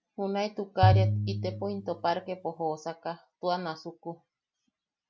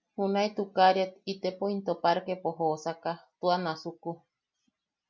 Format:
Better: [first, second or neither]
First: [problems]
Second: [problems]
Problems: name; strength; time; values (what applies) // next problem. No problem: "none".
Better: second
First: background sound (Piano); 4 dB above the speech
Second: none